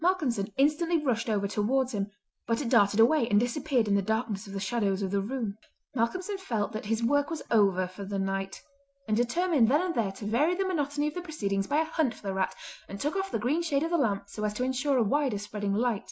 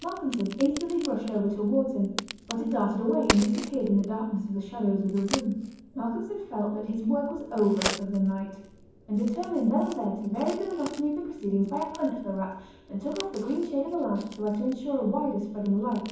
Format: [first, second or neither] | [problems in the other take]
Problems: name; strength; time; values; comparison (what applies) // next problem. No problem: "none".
first | background sound (Crack); 12 dB below the speech // room echo; dies away in 1.2 s